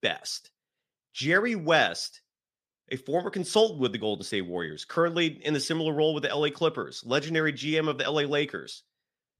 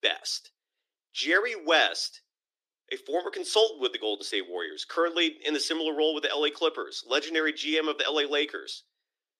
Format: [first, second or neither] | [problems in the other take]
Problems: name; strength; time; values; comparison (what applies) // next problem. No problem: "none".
first | thin; somewhat; fading below 300 Hz